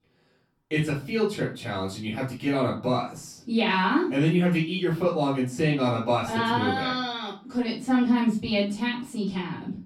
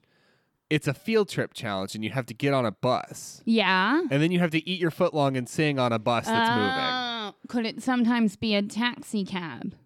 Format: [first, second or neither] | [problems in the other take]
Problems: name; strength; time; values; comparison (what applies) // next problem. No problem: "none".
second | off-mic speech; far // room echo; slight; dies away in 0.3 s